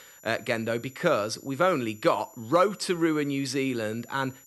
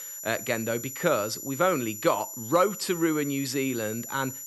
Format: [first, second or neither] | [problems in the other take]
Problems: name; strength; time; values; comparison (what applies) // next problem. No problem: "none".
first | high-pitched whine; loud; throughout; 7 kHz, 8 dB below the speech; faint in the first